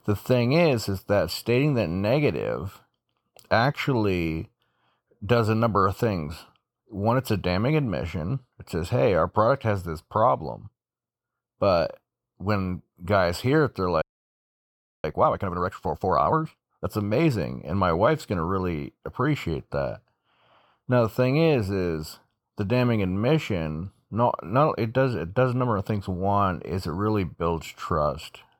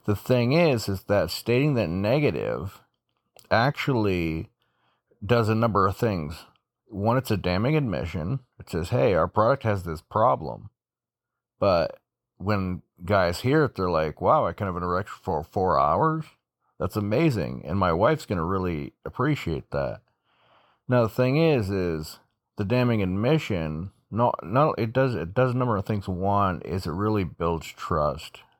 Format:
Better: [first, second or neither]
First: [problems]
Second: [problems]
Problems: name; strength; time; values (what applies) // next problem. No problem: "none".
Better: second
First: audio freezing; at 14 s for 1 s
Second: none